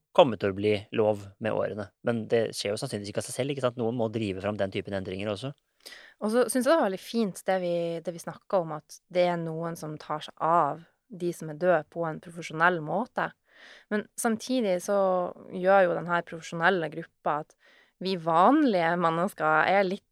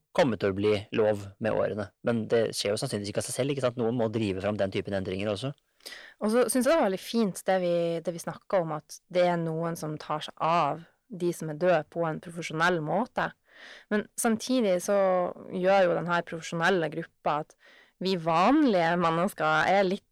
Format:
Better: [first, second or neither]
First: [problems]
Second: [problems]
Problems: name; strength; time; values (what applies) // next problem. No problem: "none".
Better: first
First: none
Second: distortion; slight; 10 dB below the speech